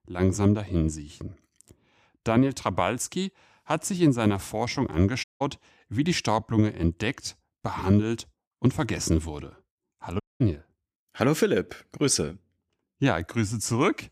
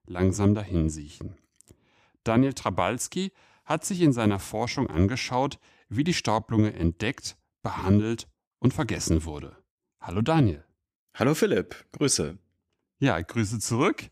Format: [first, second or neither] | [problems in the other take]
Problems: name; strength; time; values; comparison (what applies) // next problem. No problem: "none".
second | audio cutting out; at 5 s and at 10 s